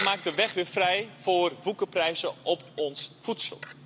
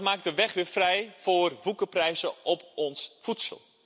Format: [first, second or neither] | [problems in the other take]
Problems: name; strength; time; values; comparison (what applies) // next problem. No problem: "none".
second | background sound (Coin (dropping)); 14 dB below the speech